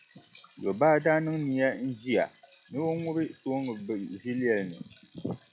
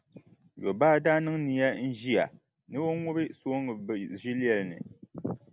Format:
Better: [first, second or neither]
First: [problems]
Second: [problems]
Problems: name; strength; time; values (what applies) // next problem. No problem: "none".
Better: second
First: noise reduction (classical method log-MMSE)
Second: none